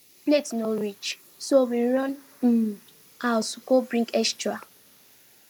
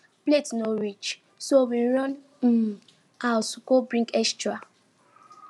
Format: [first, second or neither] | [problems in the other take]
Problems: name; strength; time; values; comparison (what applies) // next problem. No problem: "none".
second | noise reduction (neural mask model Resemble Enhance denoiser)